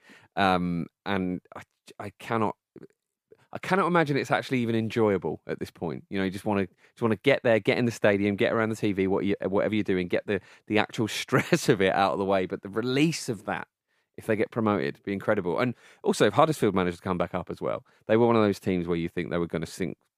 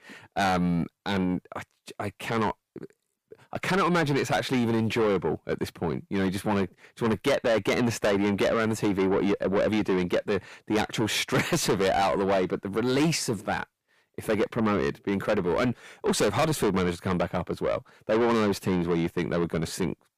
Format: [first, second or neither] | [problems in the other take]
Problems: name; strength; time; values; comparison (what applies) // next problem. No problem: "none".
first | distortion; heavy; 6 dB below the speech